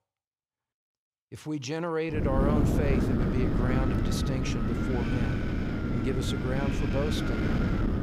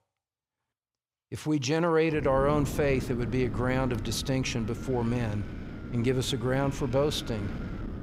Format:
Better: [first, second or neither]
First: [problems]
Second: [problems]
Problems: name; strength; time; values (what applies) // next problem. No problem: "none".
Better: second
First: wind noise on the microphone; heavy; from 2 s on; as loud as the speech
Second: wind noise on the microphone; occasional gusts; from 2 s on; 15 dB below the speech